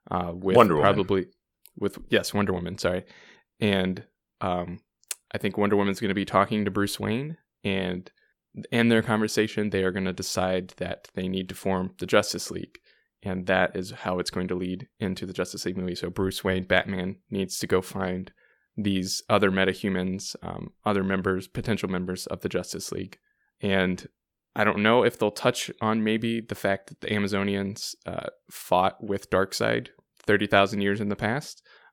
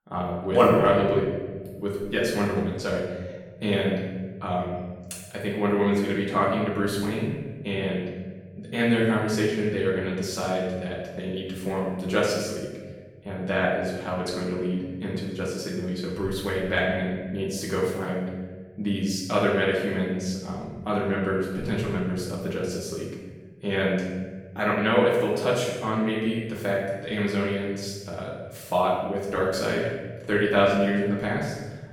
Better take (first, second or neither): first